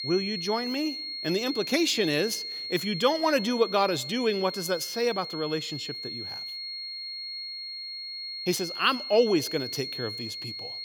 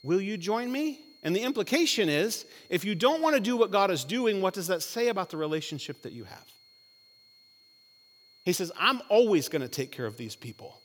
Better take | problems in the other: second | high-pitched whine; loud; throughout; 4.5 kHz, 6 dB below the speech; faint in the second

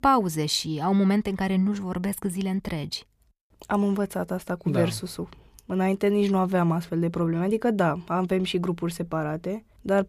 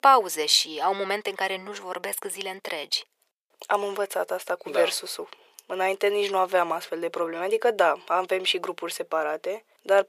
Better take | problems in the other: first | thin; very; fading below 450 Hz

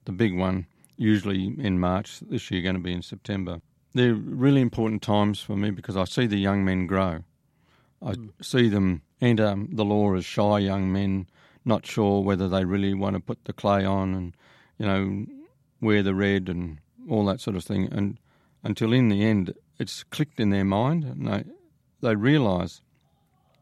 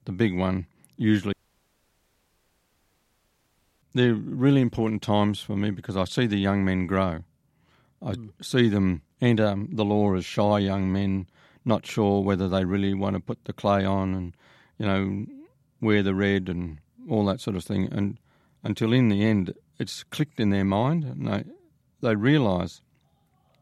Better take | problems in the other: first | audio cutting out; at 1.5 s for 2.5 s

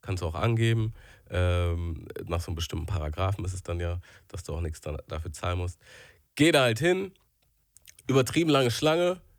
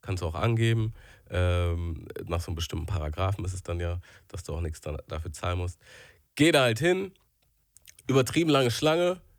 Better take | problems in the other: neither | none

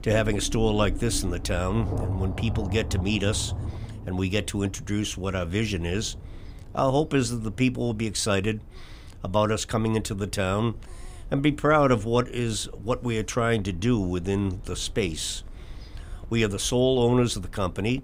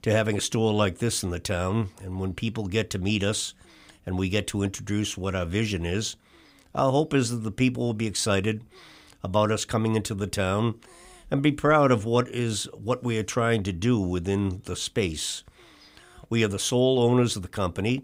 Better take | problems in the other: second | low rumble; noticeable; throughout; 20 dB below the speech

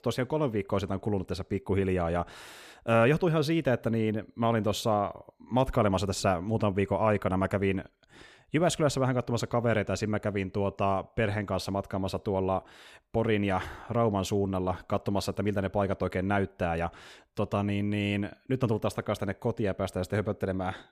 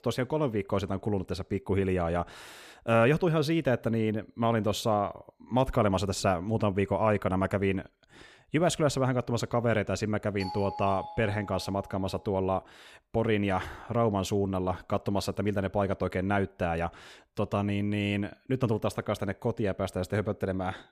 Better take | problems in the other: first | doorbell; noticeable; from 10 to 12 s; peak 9 dB below the speech

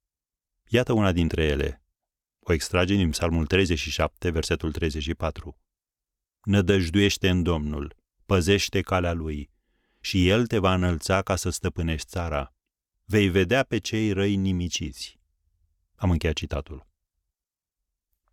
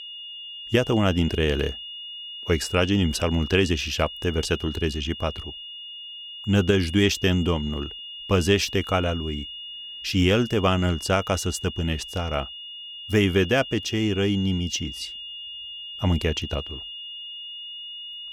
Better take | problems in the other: first | high-pitched whine; noticeable; throughout; 3 kHz, 10 dB below the speech

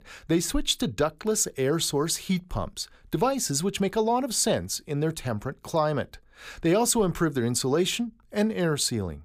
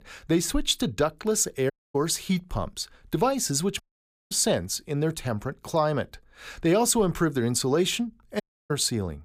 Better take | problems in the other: first | audio cutting out; at 1.5 s, at 4 s for 0.5 s and at 8.5 s

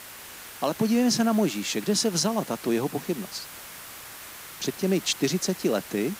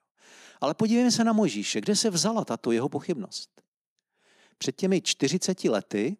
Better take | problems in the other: second | hiss; noticeable; throughout; 15 dB below the speech

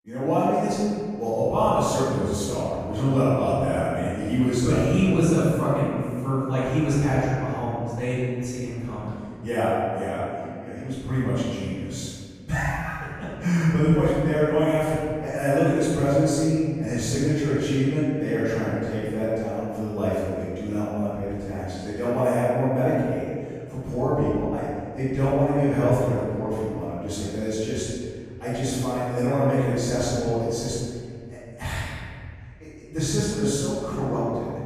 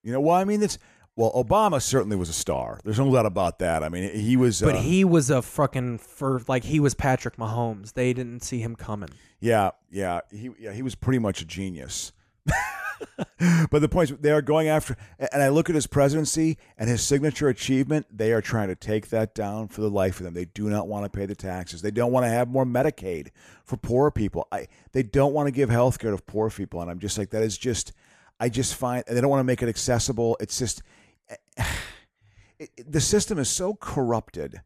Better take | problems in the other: second | off-mic speech; far // room echo; strong; dies away in 2 s

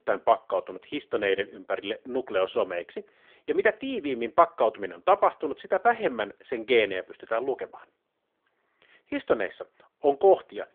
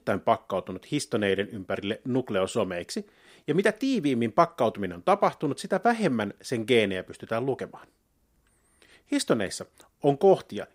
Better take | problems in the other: second | phone-call audio; nothing above 3.5 kHz

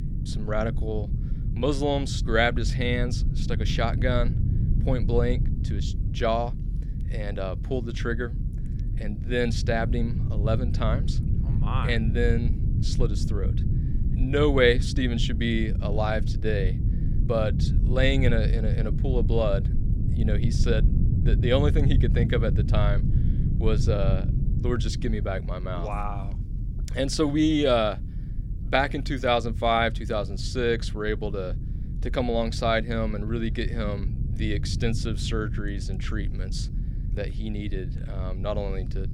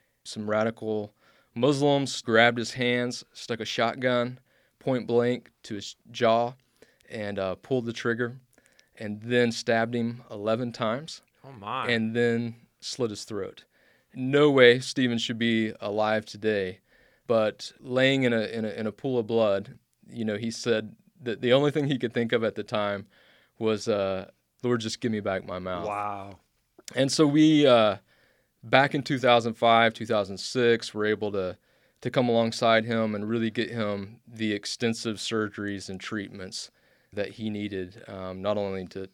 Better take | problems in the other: second | low rumble; noticeable; throughout; 15 dB below the speech

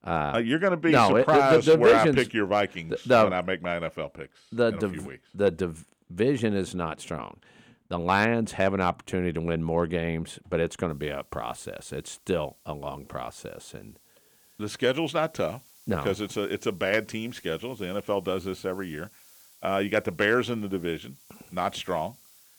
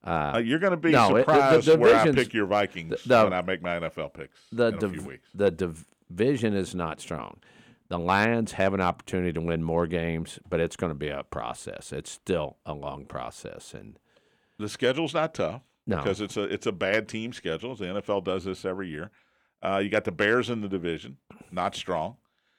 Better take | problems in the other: second | hiss; faint; from 11 s on; 30 dB below the speech

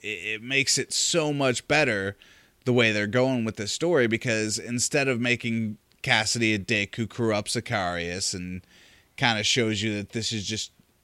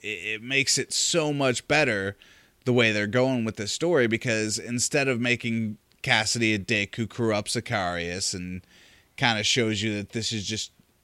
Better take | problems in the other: neither | none

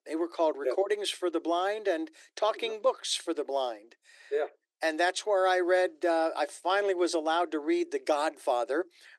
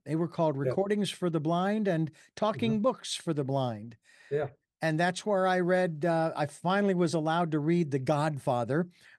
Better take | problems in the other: second | thin; very; fading below 350 Hz

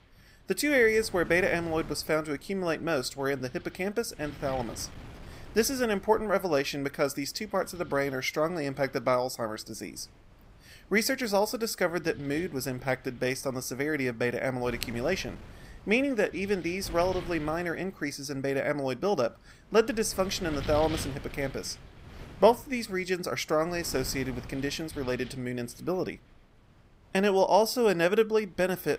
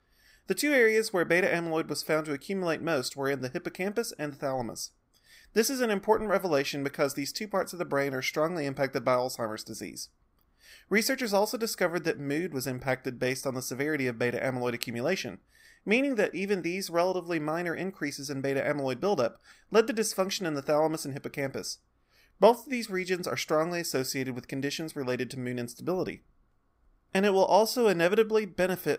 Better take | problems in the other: second | wind noise on the microphone; occasional gusts; 20 dB below the speech

